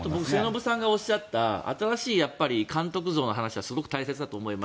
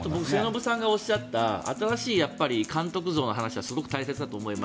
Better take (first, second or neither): first